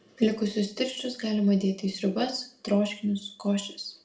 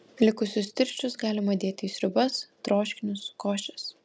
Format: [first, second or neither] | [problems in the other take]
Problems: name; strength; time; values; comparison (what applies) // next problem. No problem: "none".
second | room echo; dies away in 0.4 s